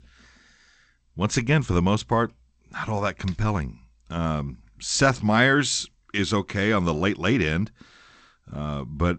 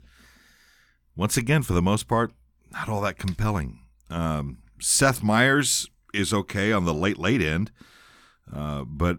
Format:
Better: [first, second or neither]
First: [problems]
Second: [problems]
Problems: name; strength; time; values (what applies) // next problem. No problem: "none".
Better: second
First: garbled, watery; slightly; nothing above 8 kHz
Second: none